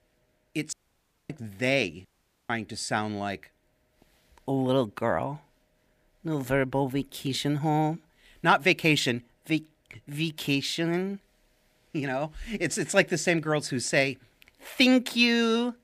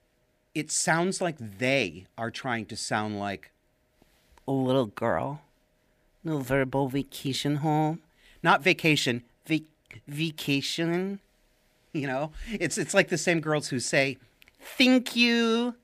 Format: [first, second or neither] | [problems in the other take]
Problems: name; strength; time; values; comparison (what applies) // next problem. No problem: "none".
second | audio cutting out; at 0.5 s for 0.5 s and at 2 s